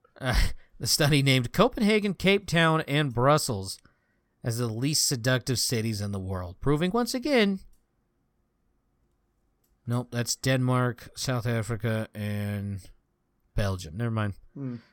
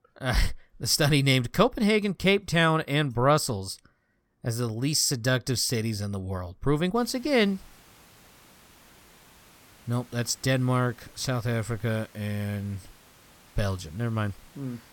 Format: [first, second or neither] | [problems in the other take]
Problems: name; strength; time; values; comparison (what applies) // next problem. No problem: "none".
first | hiss; faint; from 7 s on; 25 dB below the speech